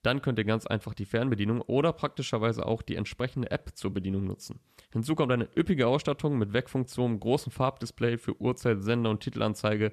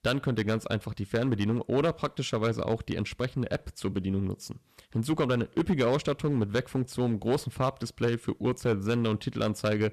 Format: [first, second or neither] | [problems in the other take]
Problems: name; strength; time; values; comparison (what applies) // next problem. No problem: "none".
first | distortion; slight; 4% of the sound clipped